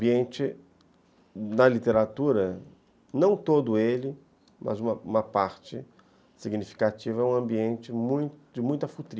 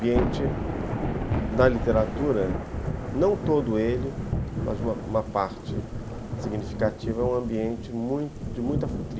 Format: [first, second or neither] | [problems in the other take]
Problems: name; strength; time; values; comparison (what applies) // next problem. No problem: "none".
first | background sound (Thunder / Rain); 2 dB below the speech